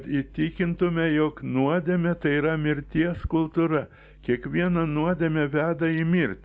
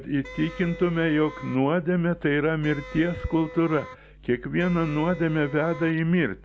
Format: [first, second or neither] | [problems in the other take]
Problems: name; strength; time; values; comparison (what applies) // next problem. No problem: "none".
first | background sound (Wind instrument, woodwind instrument); 17 dB below the speech